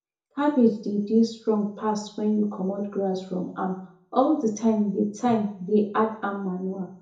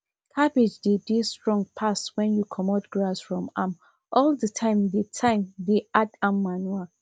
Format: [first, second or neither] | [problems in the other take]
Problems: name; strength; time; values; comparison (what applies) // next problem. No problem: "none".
second | room echo; dies away in 0.6 s